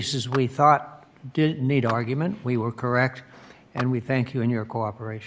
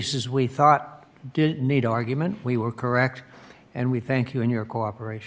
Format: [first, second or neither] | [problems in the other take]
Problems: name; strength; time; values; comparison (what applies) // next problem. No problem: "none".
second | background sound (Clapping); 18 dB below the speech